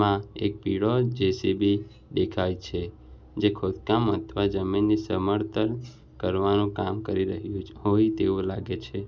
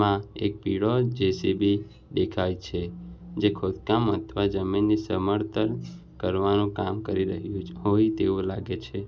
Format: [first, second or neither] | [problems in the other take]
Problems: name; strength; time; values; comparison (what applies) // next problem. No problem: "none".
first | background sound (Telephone); 19 dB below the speech